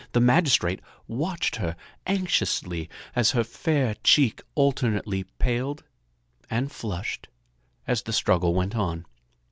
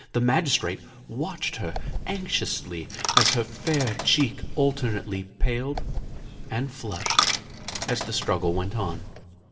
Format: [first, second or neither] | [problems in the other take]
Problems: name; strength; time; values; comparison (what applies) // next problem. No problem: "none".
first | background sound (Coin (dropping)); 2 dB below the speech // room echo; dies away in 2.6 s